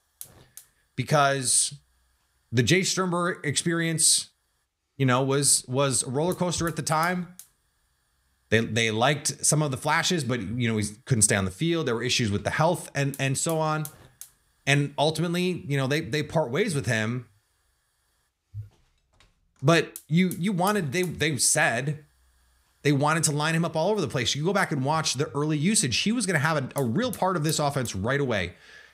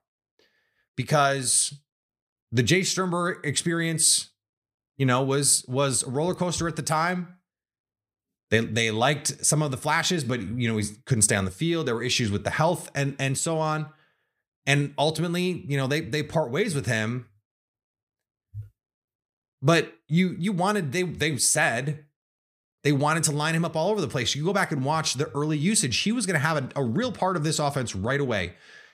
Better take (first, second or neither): second